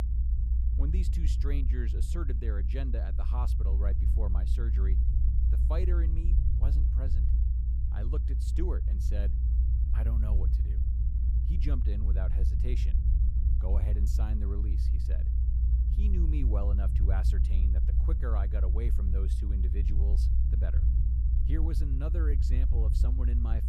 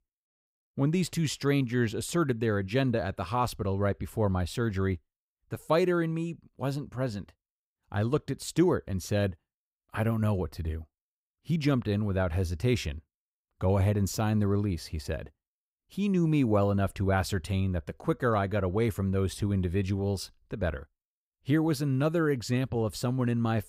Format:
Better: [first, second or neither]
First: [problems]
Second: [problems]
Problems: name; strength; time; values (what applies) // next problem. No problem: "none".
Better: second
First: low rumble; loud; throughout; 2 dB below the speech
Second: none